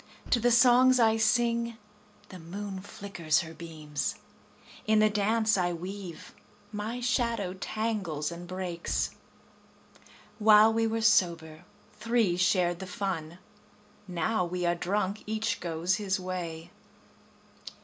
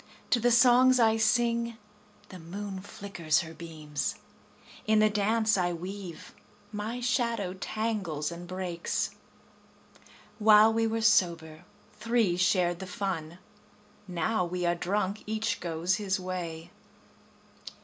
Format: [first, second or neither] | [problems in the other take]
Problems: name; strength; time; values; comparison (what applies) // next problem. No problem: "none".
second | background sound (Bass drum); 18 dB below the speech